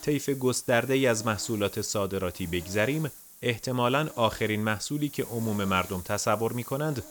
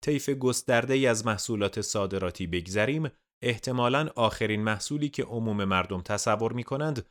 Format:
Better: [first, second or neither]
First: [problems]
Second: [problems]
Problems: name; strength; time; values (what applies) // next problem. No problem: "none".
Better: second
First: hiss; noticeable; throughout; 15 dB below the speech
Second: none